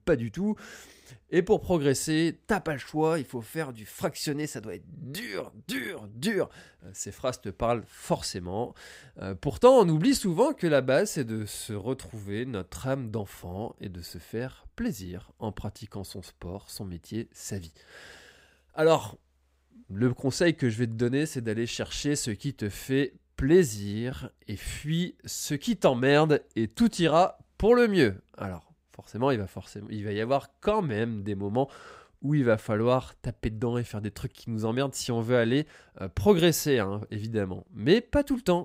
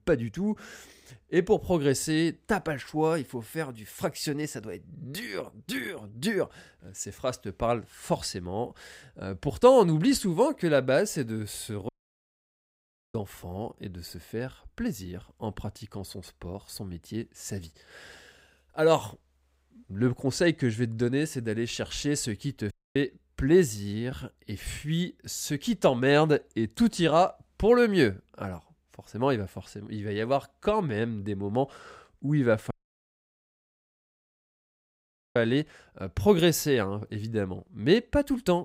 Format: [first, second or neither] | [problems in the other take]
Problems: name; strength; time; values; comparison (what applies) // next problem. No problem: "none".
first | audio cutting out; at 12 s for 1.5 s, at 23 s and at 33 s for 2.5 s